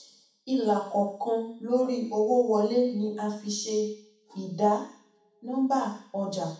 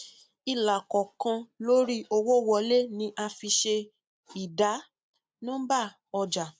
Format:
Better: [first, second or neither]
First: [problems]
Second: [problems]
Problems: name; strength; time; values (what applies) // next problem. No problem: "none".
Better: second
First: room echo; dies away in 0.7 s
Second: none